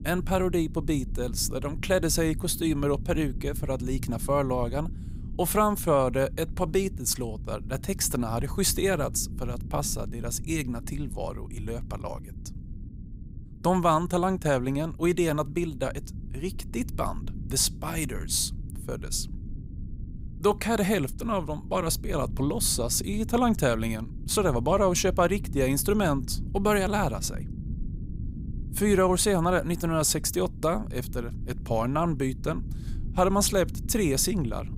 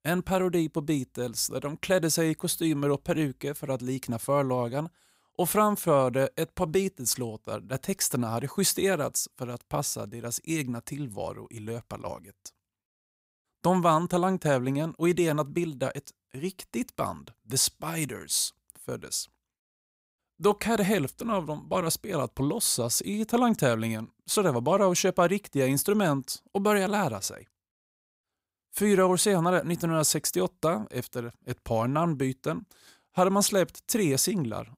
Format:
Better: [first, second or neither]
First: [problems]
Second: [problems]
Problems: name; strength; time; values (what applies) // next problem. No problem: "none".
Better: second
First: low rumble; faint; throughout; 20 dB below the speech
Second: none